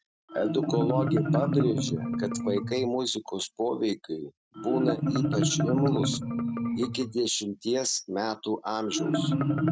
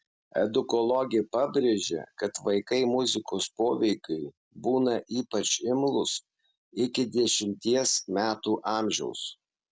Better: second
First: noise reduction (neural mask model RNNoise)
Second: none

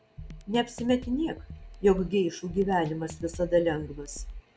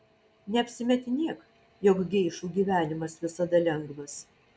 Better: second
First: background sound (Drum kit); 13 dB below the speech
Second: none

